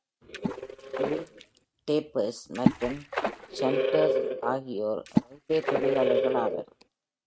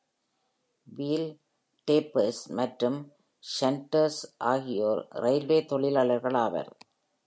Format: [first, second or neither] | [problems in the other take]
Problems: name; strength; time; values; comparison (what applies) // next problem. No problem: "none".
second | noise reduction (neural mask model RNNoise)